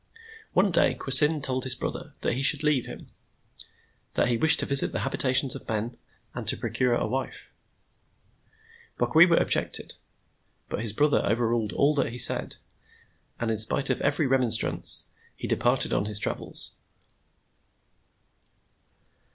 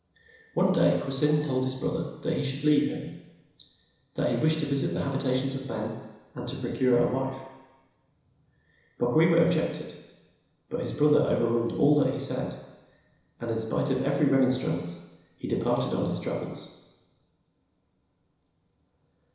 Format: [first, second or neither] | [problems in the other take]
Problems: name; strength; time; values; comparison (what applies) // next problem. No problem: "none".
first | room echo; dies away in 1 s